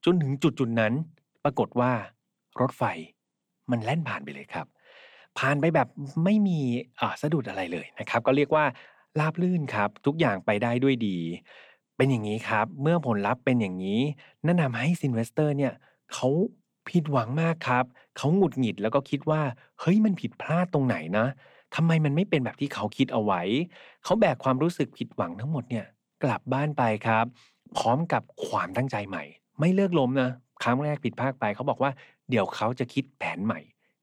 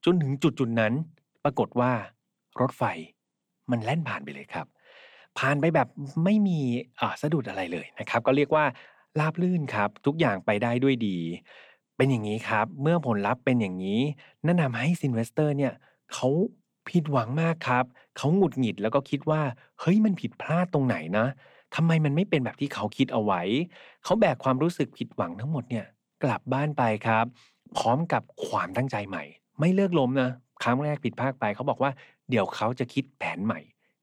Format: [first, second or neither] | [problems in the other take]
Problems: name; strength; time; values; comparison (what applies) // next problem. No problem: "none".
neither | none